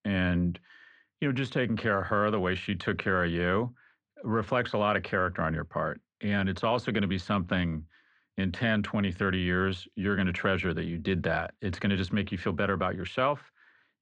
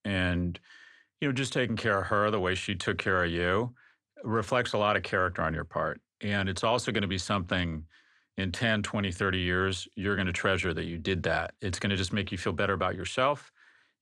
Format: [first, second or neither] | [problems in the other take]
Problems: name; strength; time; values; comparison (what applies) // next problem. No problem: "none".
second | muffled; slightly; fading above 3 kHz